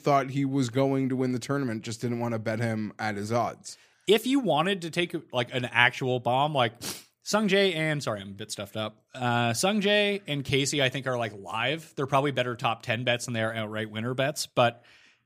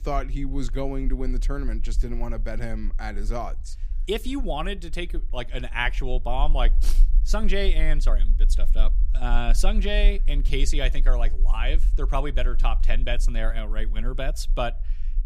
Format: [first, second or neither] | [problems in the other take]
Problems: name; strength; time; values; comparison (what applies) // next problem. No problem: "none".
first | low rumble; faint; throughout; 25 dB below the speech